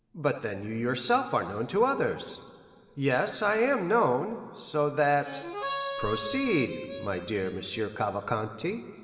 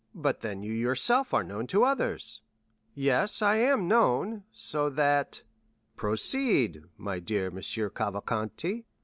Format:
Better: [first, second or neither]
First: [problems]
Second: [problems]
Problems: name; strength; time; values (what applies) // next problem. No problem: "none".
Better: second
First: background sound (Harmonica); 9 dB below the speech // room echo; dies away in 3 s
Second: none